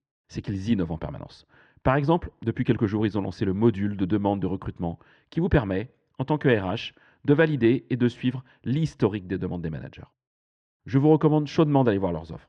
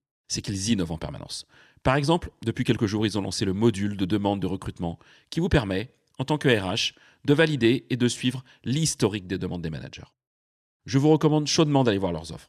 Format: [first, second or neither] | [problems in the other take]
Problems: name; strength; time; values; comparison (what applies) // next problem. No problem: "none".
second | muffled; very; fading above 2 kHz